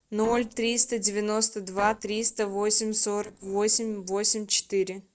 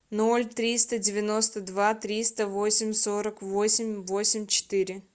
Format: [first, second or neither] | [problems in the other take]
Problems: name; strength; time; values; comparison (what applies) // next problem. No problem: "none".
second | noise reduction (neural separator model SepFormer DNS4)